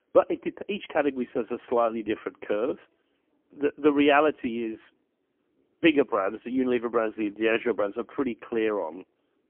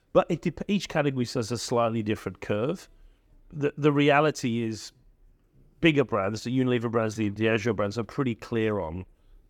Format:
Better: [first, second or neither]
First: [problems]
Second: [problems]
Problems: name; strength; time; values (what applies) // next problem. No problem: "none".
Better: second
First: phone-call audio; poor line; nothing above 3 kHz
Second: none